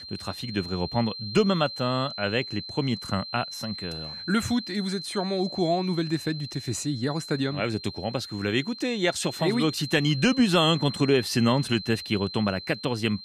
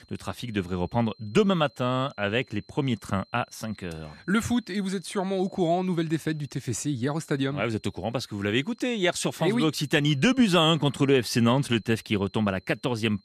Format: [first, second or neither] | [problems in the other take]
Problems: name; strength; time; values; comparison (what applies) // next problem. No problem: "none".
second | high-pitched whine; loud; throughout; 4 kHz, 10 dB below the speech; faint in the second